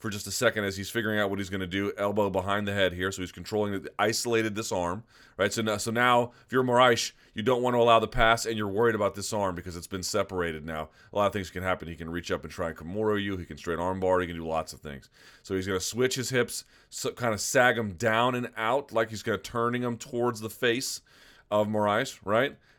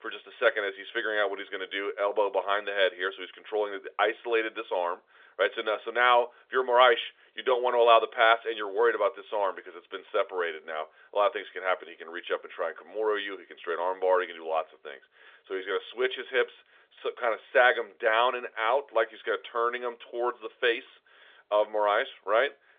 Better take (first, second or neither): first